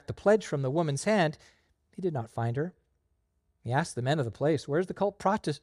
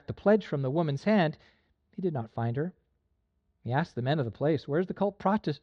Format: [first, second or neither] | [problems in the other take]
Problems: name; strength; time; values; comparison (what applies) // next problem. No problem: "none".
first | muffled; very slightly; fading above 4 kHz